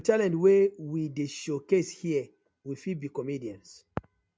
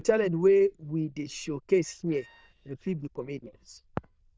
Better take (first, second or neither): first